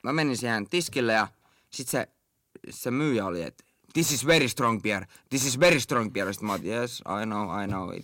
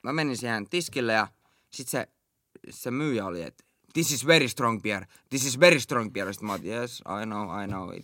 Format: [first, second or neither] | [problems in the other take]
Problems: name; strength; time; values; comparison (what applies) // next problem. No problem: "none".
second | distortion; slight; 10 dB below the speech